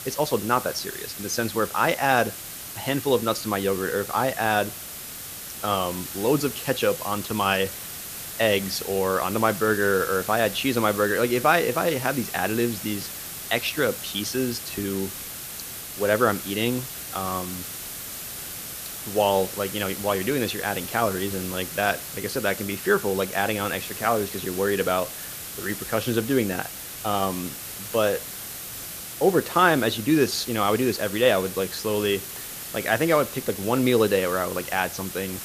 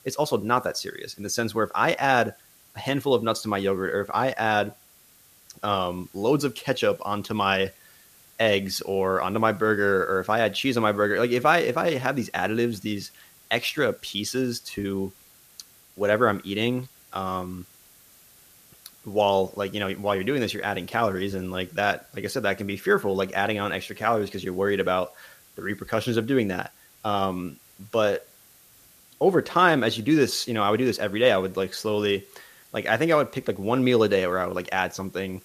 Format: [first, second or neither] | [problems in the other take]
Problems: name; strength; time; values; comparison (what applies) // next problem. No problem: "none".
second | hiss; loud; throughout; 9 dB below the speech; faint in the second